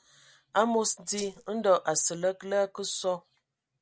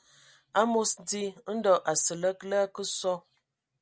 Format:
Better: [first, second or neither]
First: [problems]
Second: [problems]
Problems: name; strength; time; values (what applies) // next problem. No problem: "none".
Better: second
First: background sound (Rattle (instrument)); 15 dB below the speech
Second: none